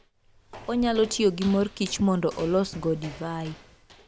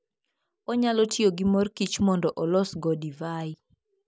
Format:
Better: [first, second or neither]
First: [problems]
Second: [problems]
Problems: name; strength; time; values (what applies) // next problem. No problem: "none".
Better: second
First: background sound (Walk, footsteps); 18 dB below the speech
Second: none